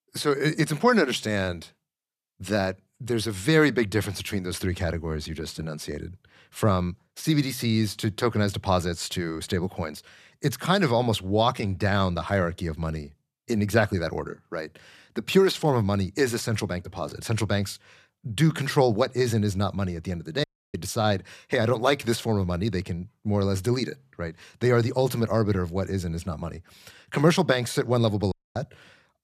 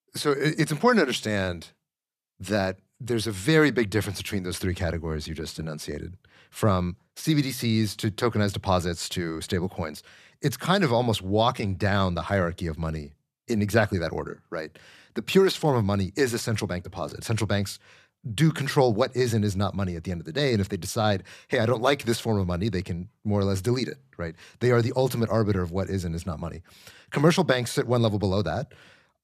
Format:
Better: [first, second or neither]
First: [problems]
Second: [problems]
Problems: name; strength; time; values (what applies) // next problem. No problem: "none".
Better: second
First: audio cutting out; at 20 s and at 28 s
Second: none